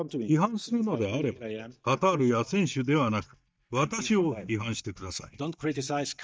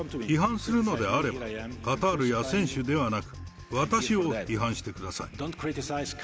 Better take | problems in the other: second | noise reduction (neural mask model DeepFilterNet 3)

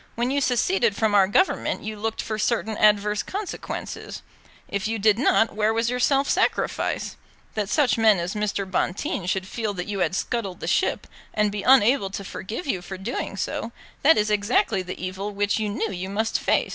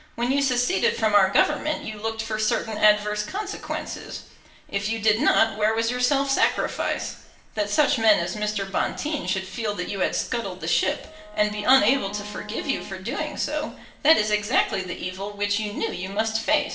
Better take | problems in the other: first | background sound (Wind instrument, woodwind instrument); 18 dB below the speech // room echo; dies away in 0.7 s

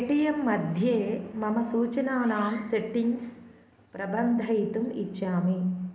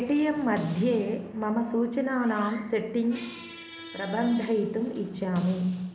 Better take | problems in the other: first | background sound (Squeak); 19 dB below the speech

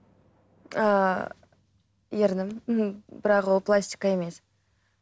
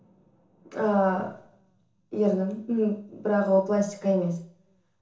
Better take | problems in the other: first | room echo; dies away in 0.7 s

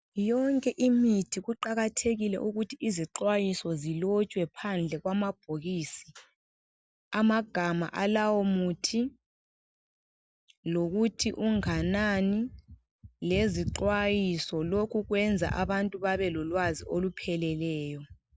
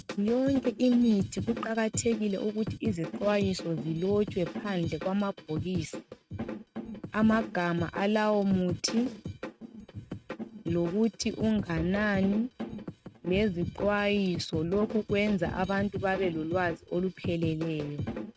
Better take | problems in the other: first | noise reduction (neural mask model RNNoise)

